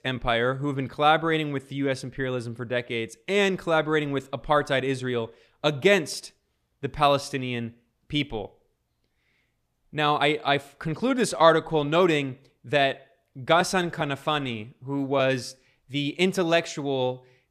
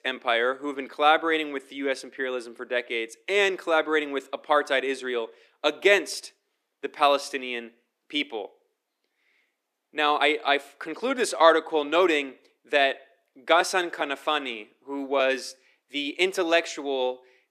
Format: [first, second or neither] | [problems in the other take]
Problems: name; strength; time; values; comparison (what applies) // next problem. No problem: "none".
first | thin; somewhat; fading below 300 Hz